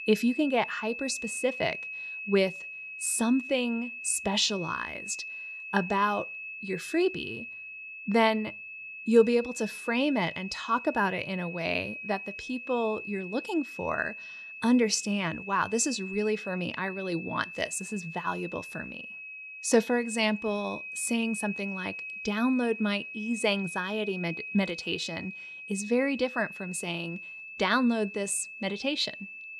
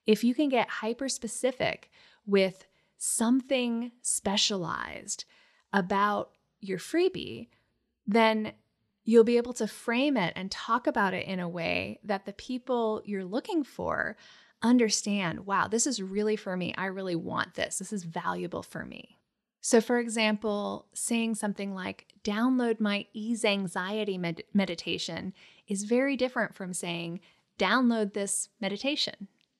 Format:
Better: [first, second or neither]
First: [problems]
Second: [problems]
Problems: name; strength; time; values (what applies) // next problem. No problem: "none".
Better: second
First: high-pitched whine; loud; throughout; 2.5 kHz, 9 dB below the speech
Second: none